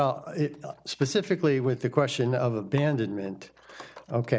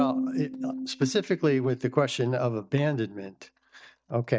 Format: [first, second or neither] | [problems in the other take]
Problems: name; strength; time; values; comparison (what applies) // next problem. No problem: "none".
first | noise reduction (neural mask model DeepFilterNet 3)